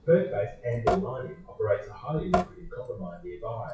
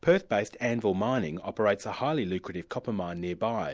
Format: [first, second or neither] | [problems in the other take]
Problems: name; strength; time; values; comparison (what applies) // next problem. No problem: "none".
second | noise reduction (classical method WPE with log-MMSE)